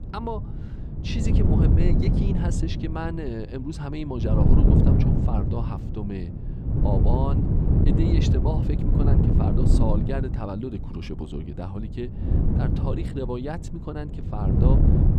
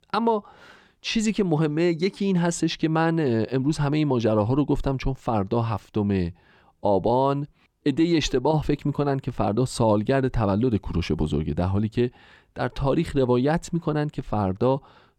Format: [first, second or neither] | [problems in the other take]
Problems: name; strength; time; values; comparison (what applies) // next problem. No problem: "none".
second | wind noise on the microphone; heavy; 1 dB above the speech